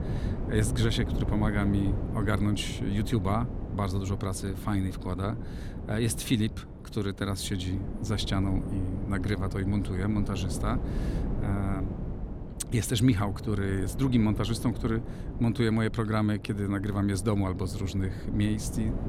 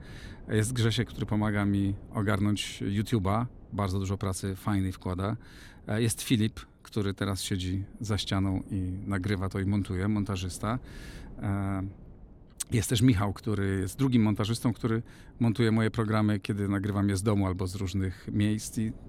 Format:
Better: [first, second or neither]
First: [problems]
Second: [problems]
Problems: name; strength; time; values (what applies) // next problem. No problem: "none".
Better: second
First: wind noise on the microphone; heavy; 10 dB below the speech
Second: wind noise on the microphone; occasional gusts; 25 dB below the speech